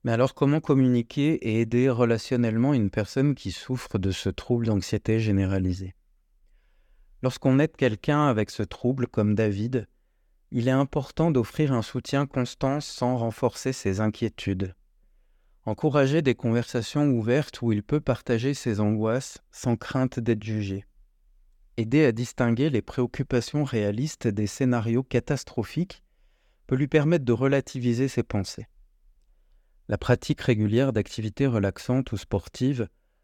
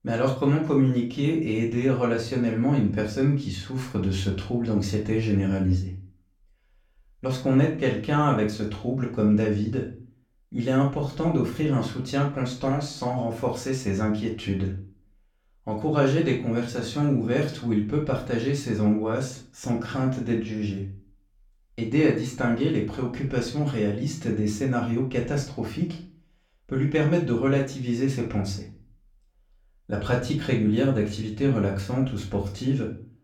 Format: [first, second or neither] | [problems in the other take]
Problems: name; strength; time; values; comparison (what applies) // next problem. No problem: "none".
first | off-mic speech; far // room echo; slight; dies away in 0.3 s